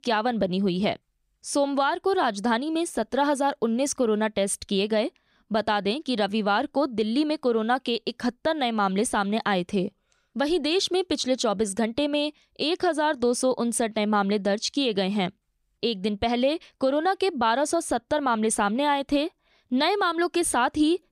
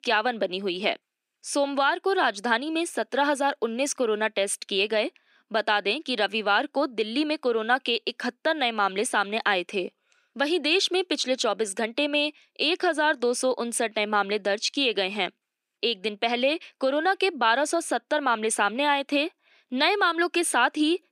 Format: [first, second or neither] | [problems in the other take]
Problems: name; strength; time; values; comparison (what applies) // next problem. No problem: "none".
first | thin; very slightly; fading below 250 Hz